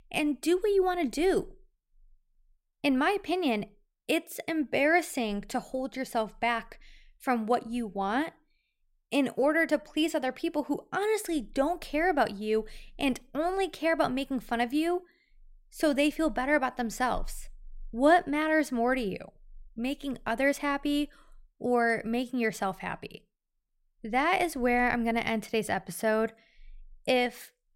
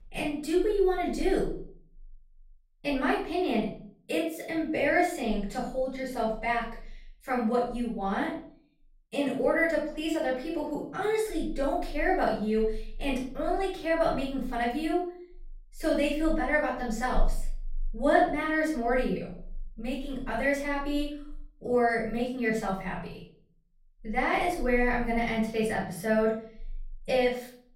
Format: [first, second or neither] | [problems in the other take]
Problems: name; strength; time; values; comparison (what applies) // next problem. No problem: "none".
first | off-mic speech; far // room echo; noticeable; dies away in 0.5 s